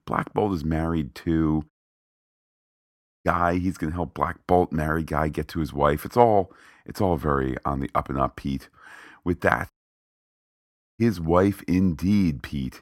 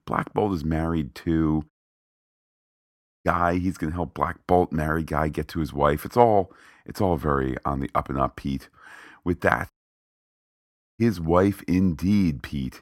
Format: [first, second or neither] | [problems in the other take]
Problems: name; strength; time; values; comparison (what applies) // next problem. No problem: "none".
neither | audio cutting out; at 1.5 s for 1.5 s and at 9.5 s for 1.5 s; the same in both